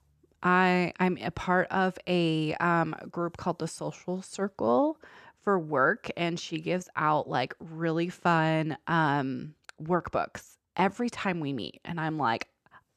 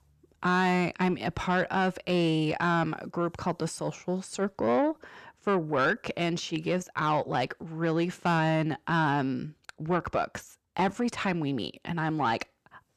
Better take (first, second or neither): first